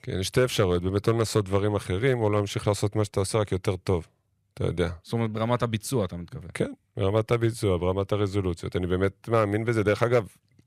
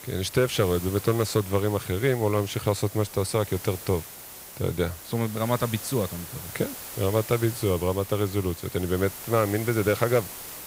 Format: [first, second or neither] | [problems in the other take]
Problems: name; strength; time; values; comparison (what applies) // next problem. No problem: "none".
first | hiss; noticeable; throughout; 10 dB below the speech